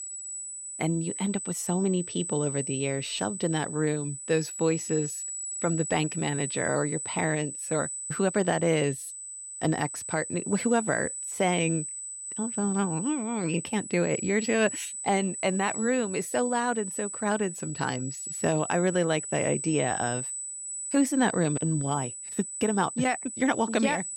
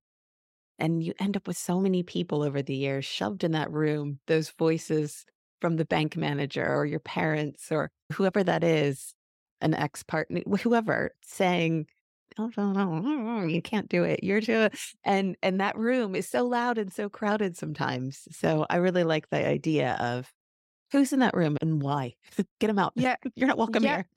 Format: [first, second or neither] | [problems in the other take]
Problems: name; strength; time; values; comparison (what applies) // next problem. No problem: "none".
second | high-pitched whine; loud; throughout; 8 kHz, 6 dB below the speech